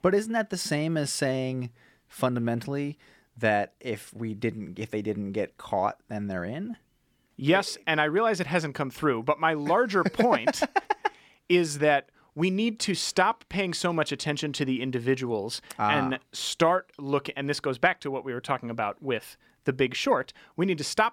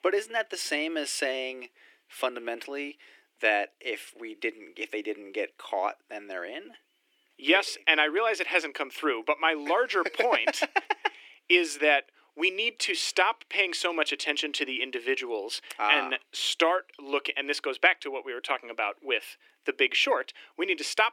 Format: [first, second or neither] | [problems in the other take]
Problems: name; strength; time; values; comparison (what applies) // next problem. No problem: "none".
first | thin; somewhat; fading below 300 Hz